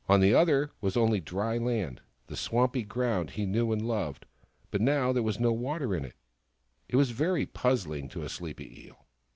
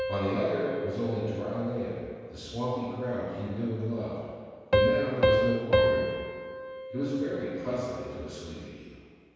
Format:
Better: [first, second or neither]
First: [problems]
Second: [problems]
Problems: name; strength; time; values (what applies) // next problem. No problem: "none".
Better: first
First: none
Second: background sound (Piano); 1 dB above the speech // room echo; dies away in 1.9 s